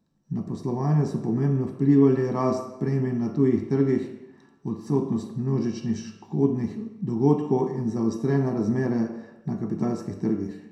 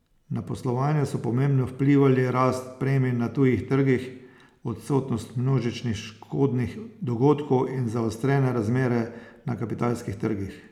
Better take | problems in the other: second | room echo; dies away in 0.6 s

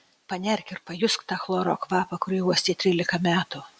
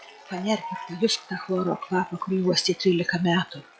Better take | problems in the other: first | noise reduction (classical method log-MMSE)

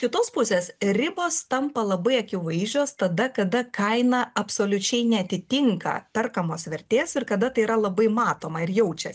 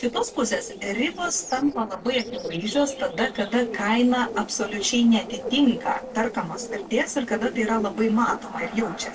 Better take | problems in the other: first | noise reduction (neural separator model SepFormer DNS4)

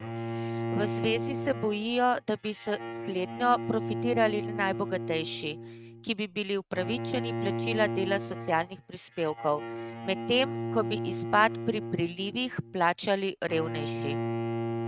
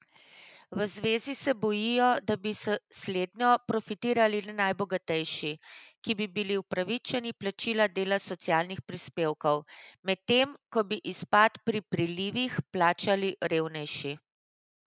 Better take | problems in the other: second | noise reduction (neural mask model RNNoise)

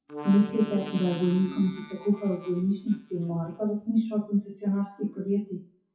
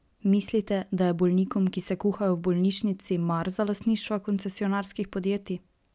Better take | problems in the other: second | noise reduction (classical method WPE with log-MMSE)

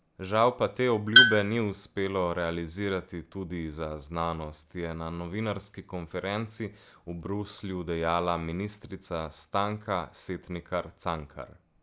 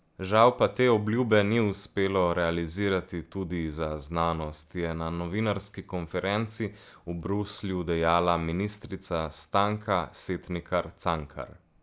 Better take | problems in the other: second | background sound (Tools); 4 dB above the speech

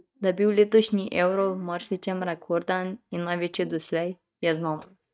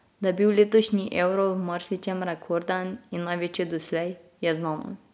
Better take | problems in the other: second | noise reduction (neural mask model DeepFilterNet 3)

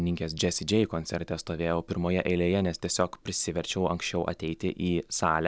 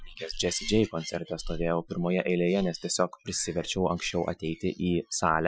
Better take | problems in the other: first | noise reduction (classical method Wiener filter)

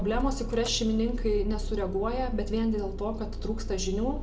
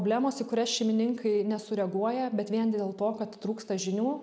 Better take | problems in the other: second | background sound (Idling / Engine starting / Door / Car); 3 dB below the speech // room echo; dies away in 0.2 s

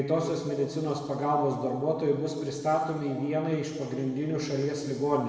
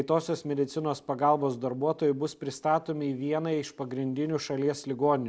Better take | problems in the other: second | room echo; dies away in 1.6 s

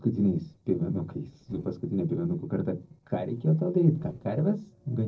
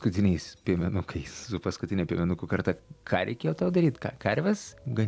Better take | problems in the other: second | noise reduction (neural separator model SepFormer DNS4)

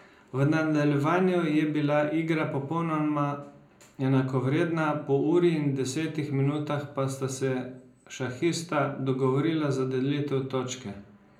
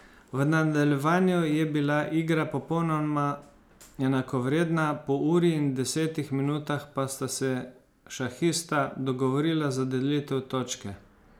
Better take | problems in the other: second | room echo; dies away in 0.5 s

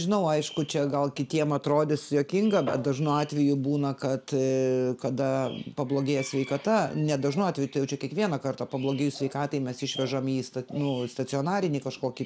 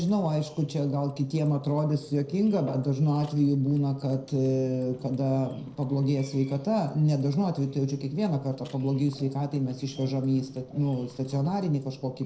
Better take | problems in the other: first | noise reduction (neural separator model SepFormer DNS4)

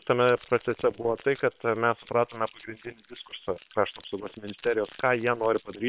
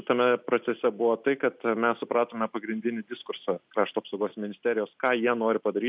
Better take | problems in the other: second | noise reduction (neural separator model SepFormer WHAM!)

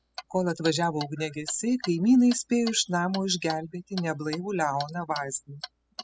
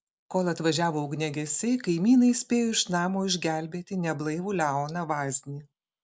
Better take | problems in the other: second | noise reduction (classical method spectral subtraction)

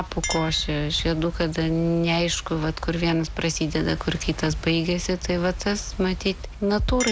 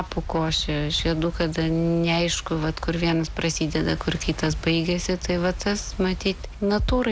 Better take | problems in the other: second | background sound (Chink, clink); 16 dB below the speech

